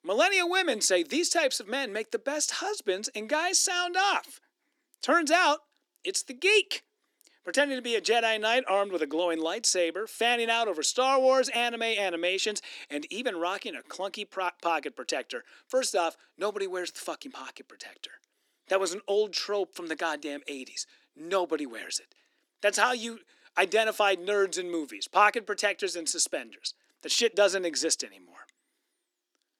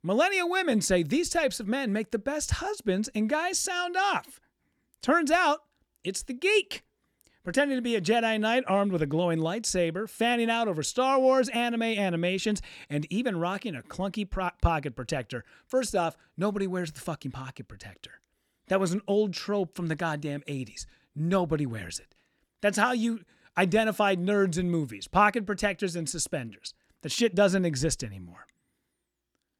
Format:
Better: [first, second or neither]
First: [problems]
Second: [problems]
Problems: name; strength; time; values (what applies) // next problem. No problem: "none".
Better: second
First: thin; somewhat; fading below 300 Hz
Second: none